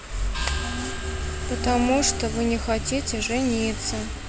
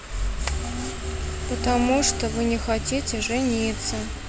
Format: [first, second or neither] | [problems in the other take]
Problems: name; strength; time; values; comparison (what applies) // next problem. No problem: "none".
second | background sound (Gong); 14 dB below the speech